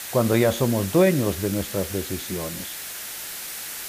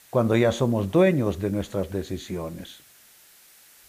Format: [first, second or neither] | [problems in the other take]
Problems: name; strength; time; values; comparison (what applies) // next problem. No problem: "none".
second | hiss; loud; throughout; 9 dB below the speech; faint in the second